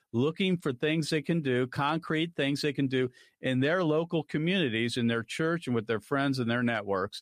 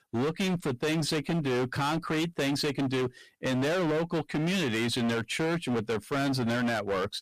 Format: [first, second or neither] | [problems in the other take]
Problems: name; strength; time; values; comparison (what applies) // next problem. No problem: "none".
first | distortion; heavy; 30% of the sound clipped